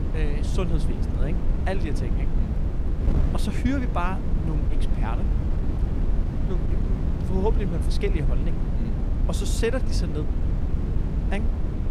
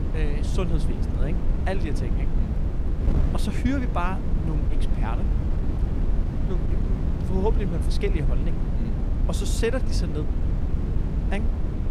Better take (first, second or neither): neither